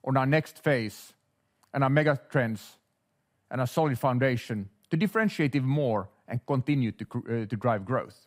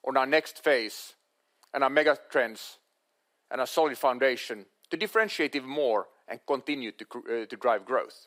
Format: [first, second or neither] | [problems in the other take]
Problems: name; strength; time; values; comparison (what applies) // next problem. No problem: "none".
first | thin; somewhat; fading below 350 Hz